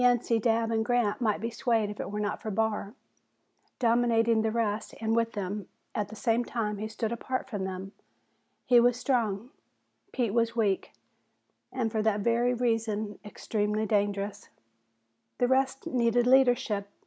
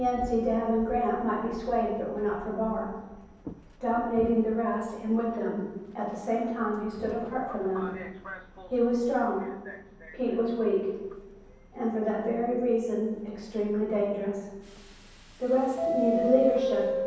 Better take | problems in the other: first | background sound (Subway, metro, underground); 10 dB below the speech // room echo; dies away in 1.1 s

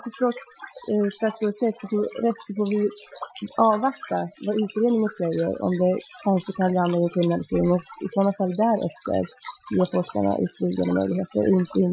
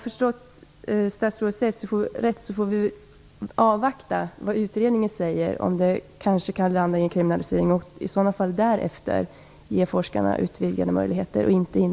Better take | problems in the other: second | noise reduction (classical method Wiener filter)

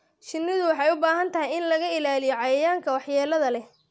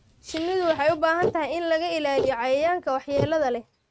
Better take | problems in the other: first | noise reduction (neural mask model RNNoise)

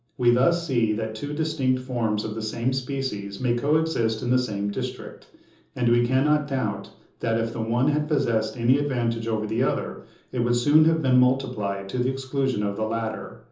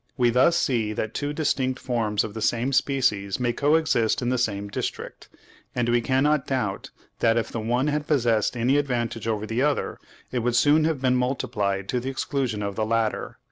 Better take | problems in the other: second | room echo; dies away in 0.6 s

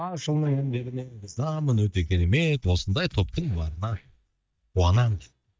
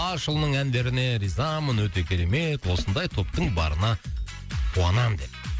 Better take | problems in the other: second | noise reduction (neural mask model DeepFilterNet 3)

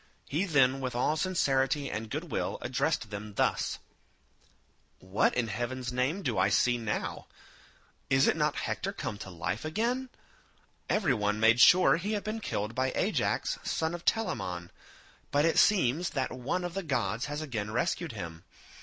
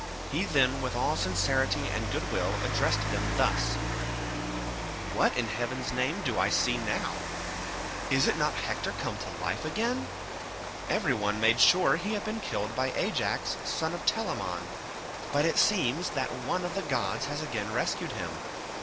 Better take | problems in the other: first | background sound (Rain); 4 dB below the speech

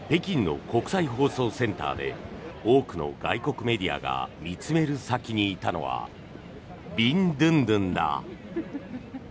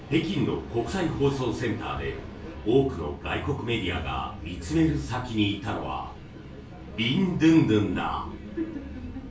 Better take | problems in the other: first | background sound (Engine / Car); 15 dB below the speech // room echo; dies away in 0.3 s

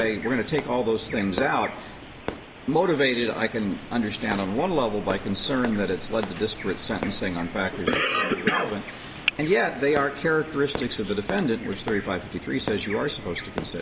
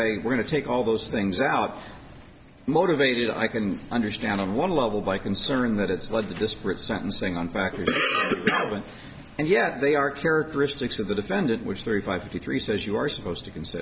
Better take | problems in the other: second | background sound (Fireworks + Bird vocalization, bird call, bird song); 11 dB below the speech

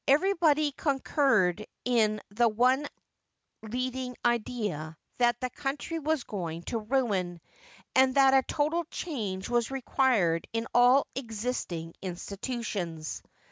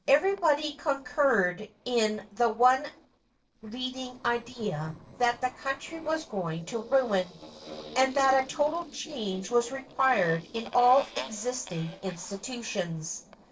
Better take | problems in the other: first | noise reduction (neural separator model SepFormer DNS4)

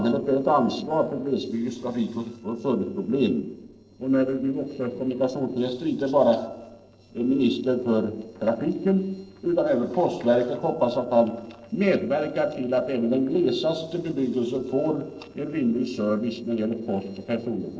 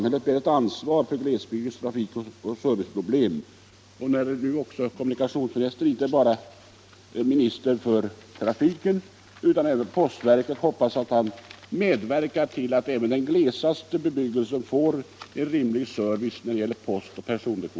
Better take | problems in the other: second | noise reduction (neural separator model SepFormer DNS4)

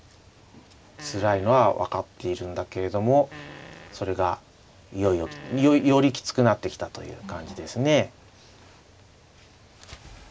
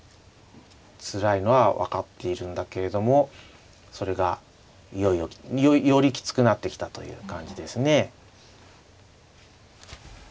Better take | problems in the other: second | background sound (Fart); 20 dB below the speech

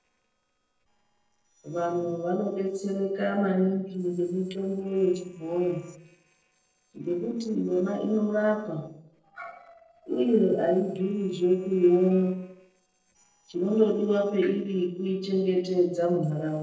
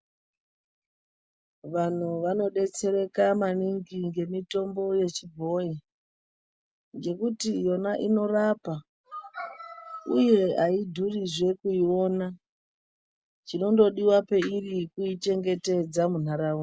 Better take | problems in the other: second | noise reduction (neural separator model SepFormer DNS4)

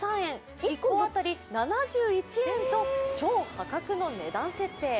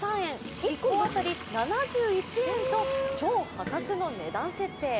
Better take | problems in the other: first | background sound (Fart + Water tap, faucet); 12 dB below the speech

